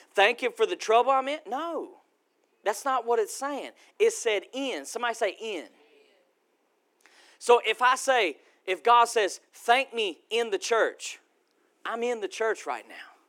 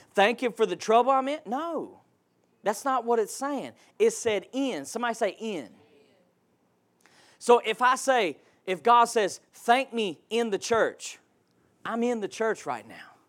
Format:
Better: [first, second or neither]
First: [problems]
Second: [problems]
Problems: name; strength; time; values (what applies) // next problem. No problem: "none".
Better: second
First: thin; somewhat; fading below 350 Hz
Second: none